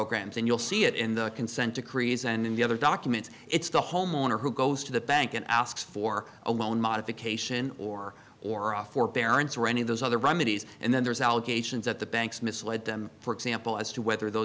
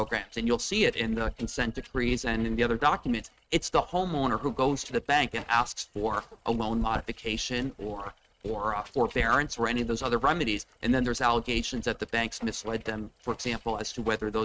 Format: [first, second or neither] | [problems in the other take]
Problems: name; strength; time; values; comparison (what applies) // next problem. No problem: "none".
first | noise reduction (neural mask model RNNoise)